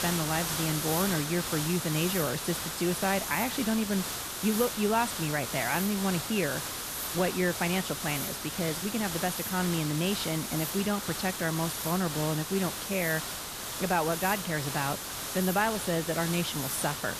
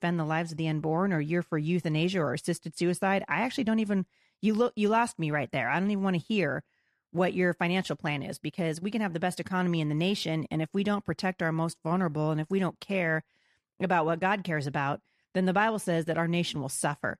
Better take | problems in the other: second | hiss; loud; throughout; 3 dB below the speech

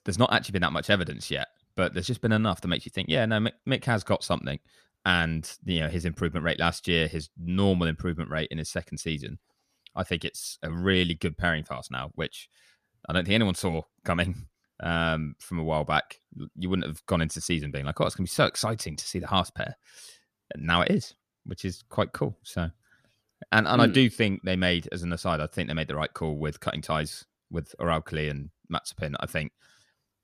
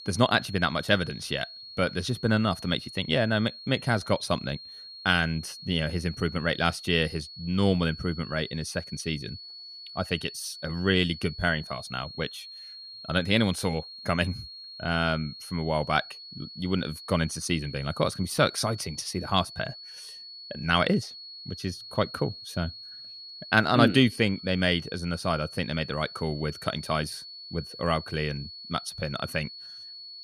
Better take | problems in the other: first | high-pitched whine; noticeable; throughout; 4.5 kHz, 15 dB below the speech

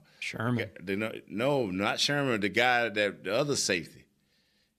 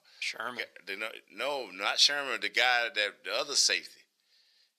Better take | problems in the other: first | thin; very; fading below 700 Hz

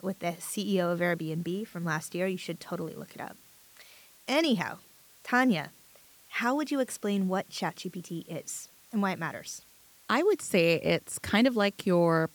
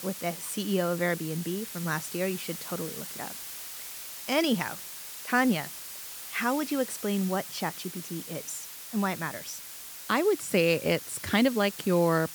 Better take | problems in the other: first | hiss; loud; throughout; 9 dB below the speech; faint in the first

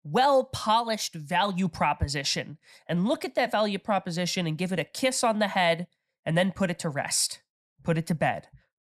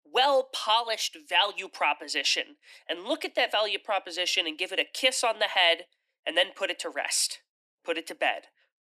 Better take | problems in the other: first | thin; very; fading below 300 Hz

